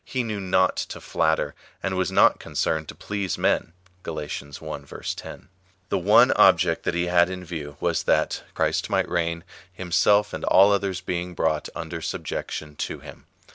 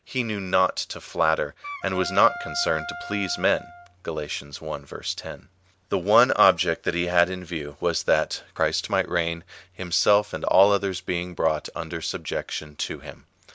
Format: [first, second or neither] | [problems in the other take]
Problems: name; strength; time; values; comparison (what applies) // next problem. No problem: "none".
first | background sound (Wind instrument, woodwind instrument); 13 dB below the speech